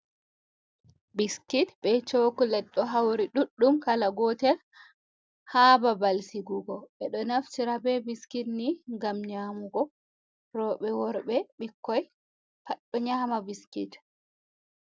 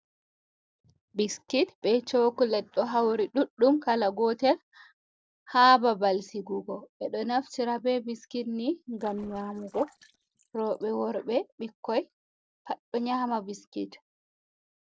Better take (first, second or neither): first